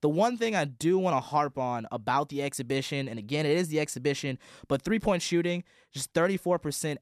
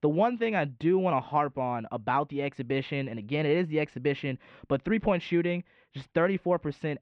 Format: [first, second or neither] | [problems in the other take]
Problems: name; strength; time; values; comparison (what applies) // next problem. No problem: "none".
first | muffled; very; fading above 3 kHz